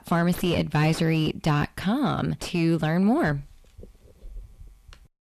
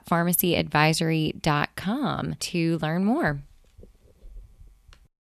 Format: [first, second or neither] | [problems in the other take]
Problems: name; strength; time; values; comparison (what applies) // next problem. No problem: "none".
second | distortion; heavy; 6 dB below the speech